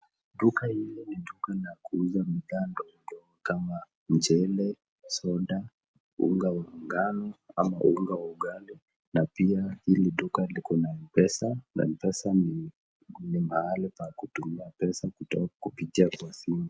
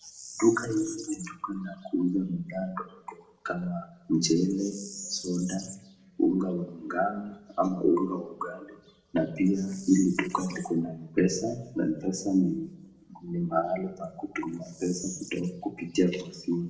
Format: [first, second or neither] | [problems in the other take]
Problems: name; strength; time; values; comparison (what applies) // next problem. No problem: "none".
first | background sound (Bird vocalization, bird call, bird song); 19 dB below the speech // room echo; dies away in 0.6 s